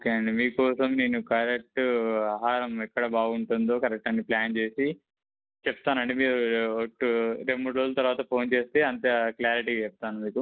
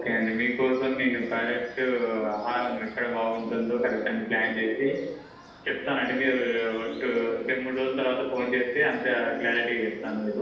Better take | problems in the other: first | background sound (Bird); 11 dB below the speech // room echo; dies away in 0.9 s

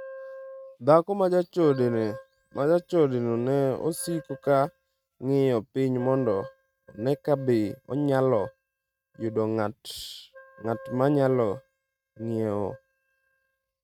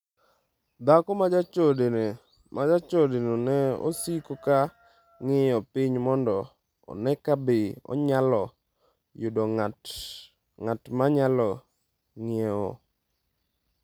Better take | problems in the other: second | noise reduction (neural mask model RNNoise)

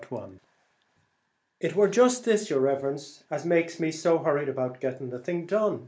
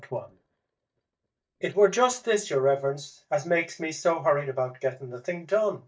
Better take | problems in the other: first | noise reduction (neural mask model DeepFilterNet 3)

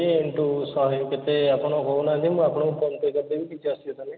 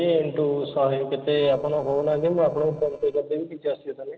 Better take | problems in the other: first | noise reduction (neural separator model SepFormer DNS4)

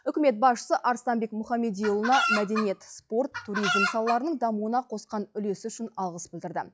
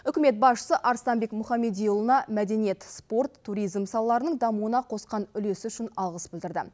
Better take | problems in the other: second | noise reduction (classical method log-MMSE)

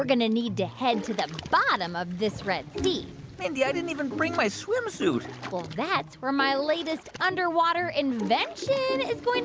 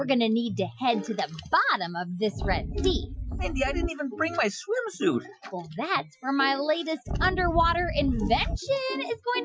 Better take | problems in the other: first | noise reduction (classical method Wiener filter)

